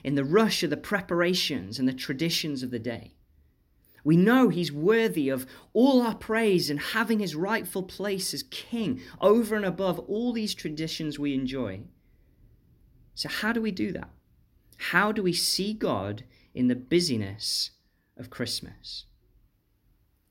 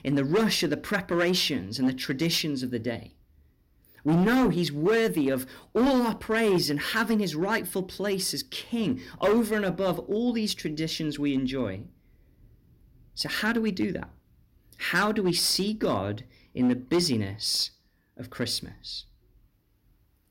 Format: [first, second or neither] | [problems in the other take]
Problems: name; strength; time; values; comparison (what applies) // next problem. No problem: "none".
first | distortion; slight; 5% of the sound clipped